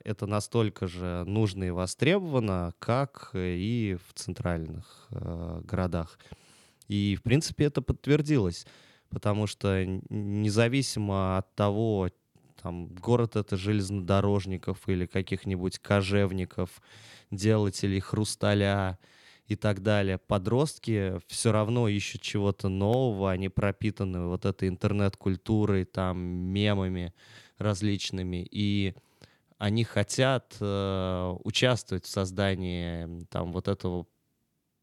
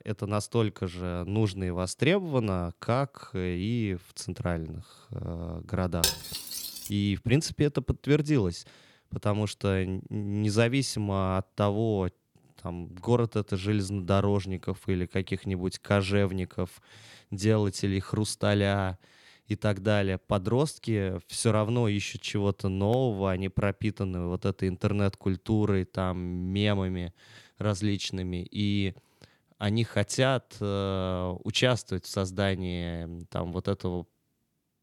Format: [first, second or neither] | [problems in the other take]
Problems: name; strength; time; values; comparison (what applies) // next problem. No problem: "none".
first | clattering dishes; loud; at 6 s; peak 2 dB above the speech